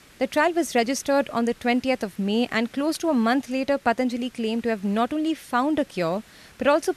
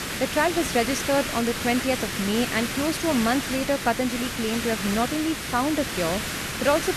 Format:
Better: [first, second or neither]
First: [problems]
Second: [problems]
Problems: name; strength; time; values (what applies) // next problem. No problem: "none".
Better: first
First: hiss; faint; throughout; 25 dB below the speech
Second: hiss; loud; throughout; 3 dB below the speech